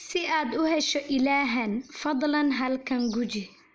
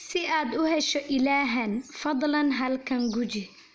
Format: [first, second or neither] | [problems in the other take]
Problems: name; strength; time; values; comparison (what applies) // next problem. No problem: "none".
second | noise reduction (neural mask model Resemble Enhance denoiser)